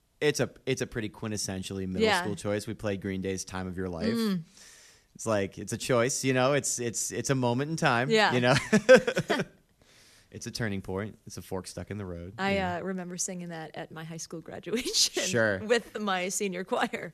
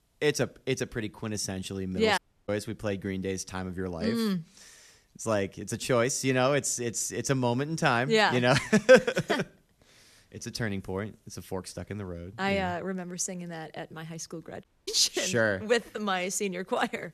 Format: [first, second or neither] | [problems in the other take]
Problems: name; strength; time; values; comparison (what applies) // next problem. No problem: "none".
first | audio cutting out; at 2 s and at 15 s